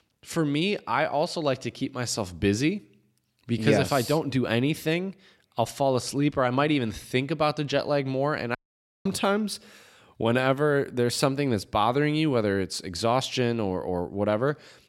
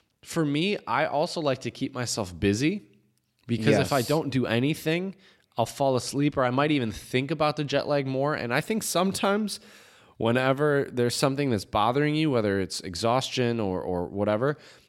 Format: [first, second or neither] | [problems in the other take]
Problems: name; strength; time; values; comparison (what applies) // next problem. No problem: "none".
second | audio cutting out; at 8.5 s for 0.5 s